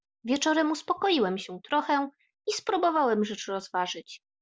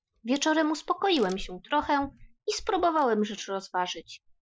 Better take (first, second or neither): first